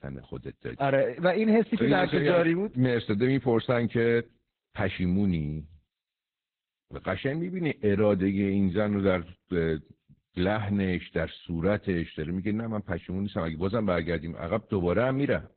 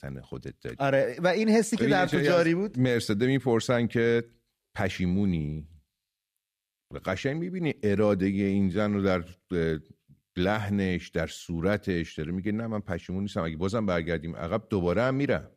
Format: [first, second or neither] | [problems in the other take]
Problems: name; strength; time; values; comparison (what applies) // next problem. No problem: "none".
second | garbled, watery; badly; nothing above 4 kHz